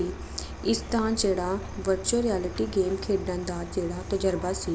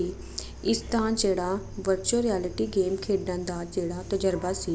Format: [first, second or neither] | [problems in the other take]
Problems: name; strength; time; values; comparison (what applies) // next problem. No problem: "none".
second | background sound (Musical instrument + Truck); 13 dB below the speech